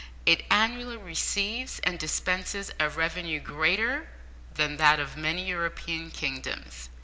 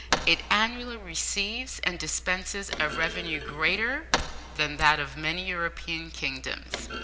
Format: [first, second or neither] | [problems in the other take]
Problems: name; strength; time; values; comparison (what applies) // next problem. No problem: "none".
first | background sound (Hammer + Thump, thud); 8 dB below the speech